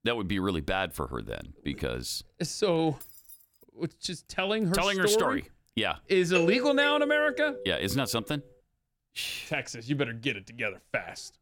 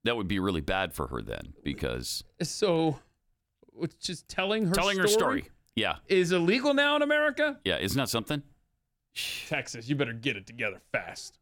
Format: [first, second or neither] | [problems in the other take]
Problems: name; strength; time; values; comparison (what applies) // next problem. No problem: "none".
second | jangling keys; faint; at 3 s; peak 15 dB below the speech // doorbell; loud; from 6.5 to 8 s; peak level with the speech